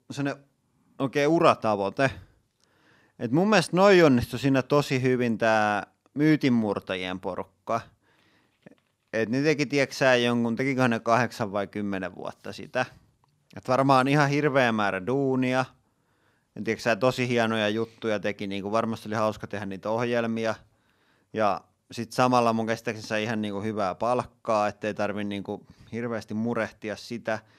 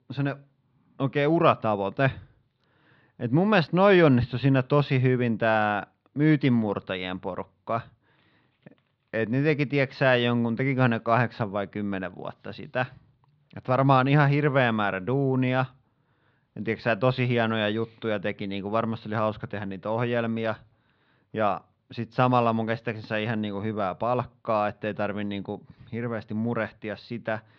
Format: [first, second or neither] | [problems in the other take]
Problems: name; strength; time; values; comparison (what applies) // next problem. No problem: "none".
first | muffled; slightly; fading above 4 kHz